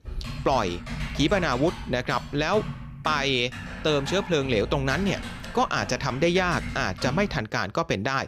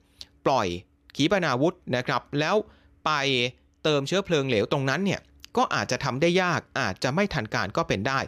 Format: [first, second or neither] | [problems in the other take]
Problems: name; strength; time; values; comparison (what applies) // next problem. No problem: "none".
second | keyboard typing; noticeable; until 7.5 s; peak 7 dB below the speech